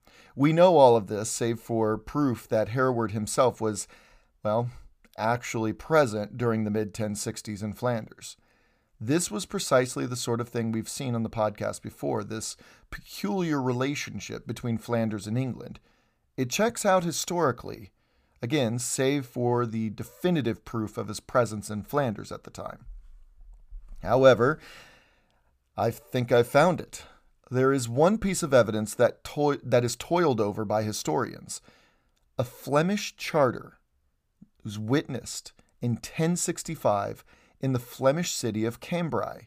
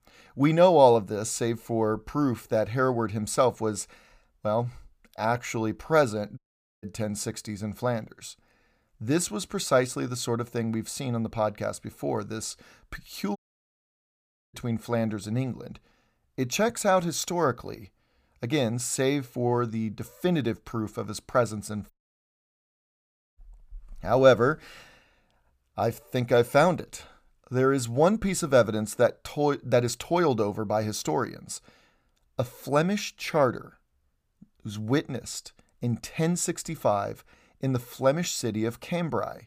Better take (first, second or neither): first